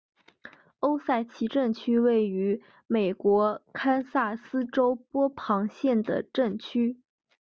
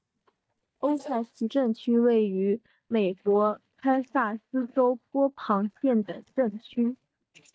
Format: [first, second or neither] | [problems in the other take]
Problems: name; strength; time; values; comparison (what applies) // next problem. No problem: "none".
first | noise reduction (neural mask model DeepFilterNet 3)